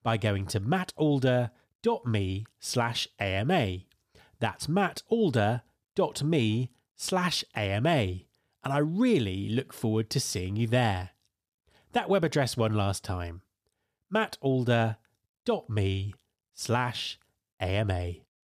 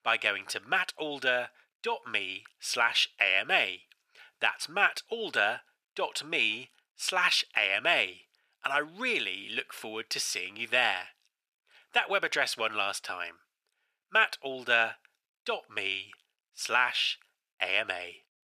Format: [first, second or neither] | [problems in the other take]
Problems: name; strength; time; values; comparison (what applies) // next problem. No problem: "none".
first | thin; very; fading below 600 Hz